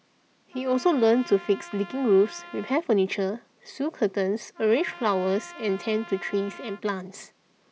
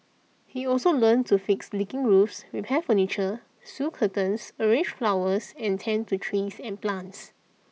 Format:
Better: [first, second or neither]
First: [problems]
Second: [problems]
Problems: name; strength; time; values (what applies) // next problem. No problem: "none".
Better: second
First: background sound (Trumpet); 20 dB below the speech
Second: none